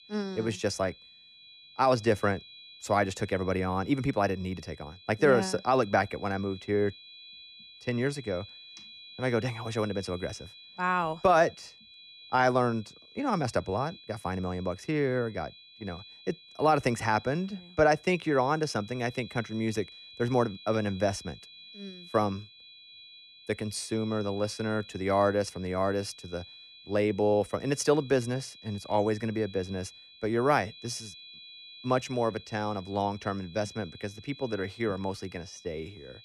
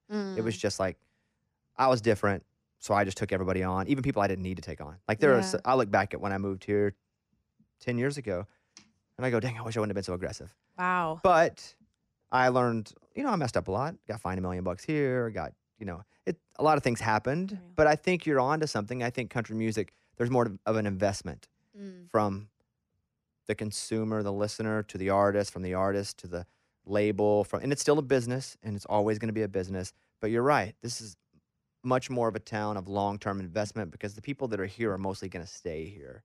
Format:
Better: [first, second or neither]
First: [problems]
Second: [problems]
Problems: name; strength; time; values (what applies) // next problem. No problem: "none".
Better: second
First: high-pitched whine; noticeable; throughout; 4 kHz, 20 dB below the speech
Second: none